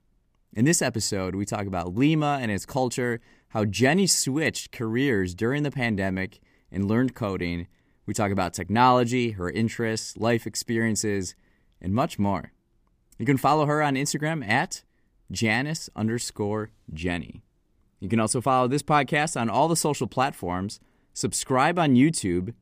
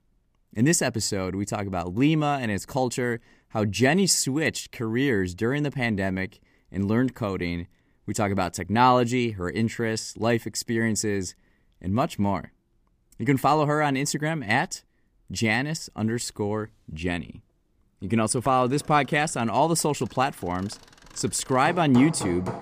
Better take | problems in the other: first | machinery noise; noticeable; from 17 s on; 15 dB below the speech

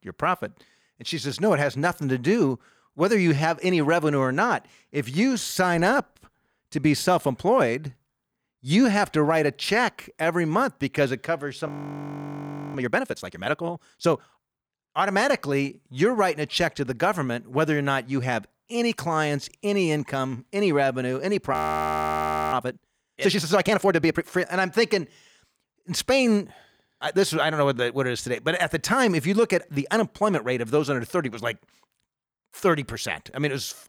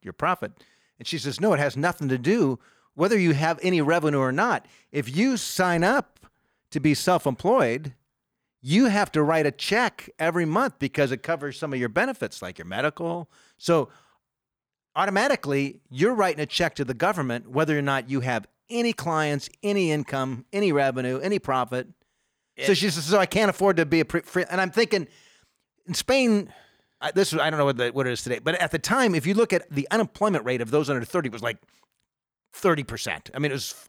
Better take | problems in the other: second | audio freezing; at 12 s for 1 s and at 22 s for 1 s

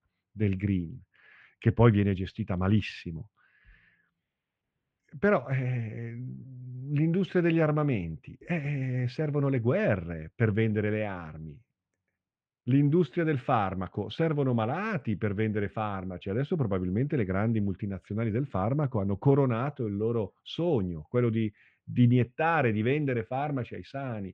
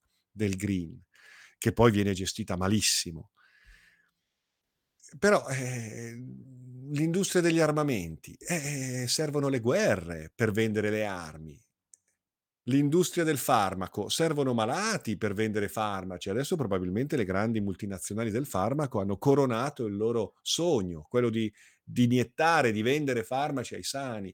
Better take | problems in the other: second | muffled; very; fading above 2.5 kHz

